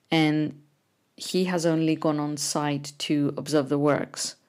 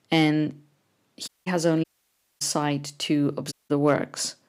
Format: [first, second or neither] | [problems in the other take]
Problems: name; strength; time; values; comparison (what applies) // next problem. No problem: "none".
first | audio cutting out; at 1.5 s, at 2 s for 0.5 s and at 3.5 s